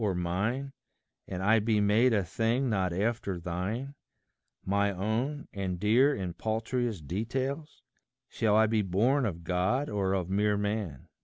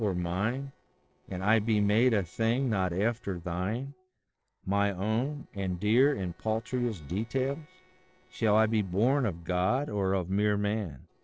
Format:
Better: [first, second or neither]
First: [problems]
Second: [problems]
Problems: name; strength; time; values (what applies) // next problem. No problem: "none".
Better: first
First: none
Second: noise reduction (neural separator model SepFormer DNS4)